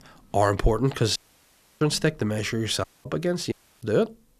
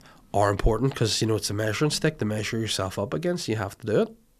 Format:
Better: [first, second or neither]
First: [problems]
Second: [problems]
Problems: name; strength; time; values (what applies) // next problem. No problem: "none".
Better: second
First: audio cutting out; at 1 s for 0.5 s, at 3 s and at 3.5 s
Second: none